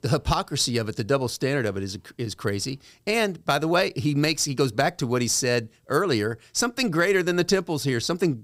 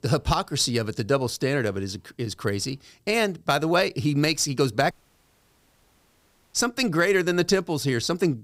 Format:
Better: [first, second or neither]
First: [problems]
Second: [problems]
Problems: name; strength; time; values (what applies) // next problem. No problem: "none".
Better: first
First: none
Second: audio cutting out; at 5 s for 1.5 s